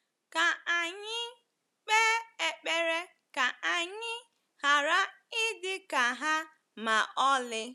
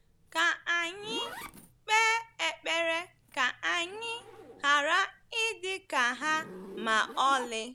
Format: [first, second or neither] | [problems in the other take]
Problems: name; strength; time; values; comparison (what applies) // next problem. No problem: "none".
first | background sound (Zipper (clothing)); 18 dB below the speech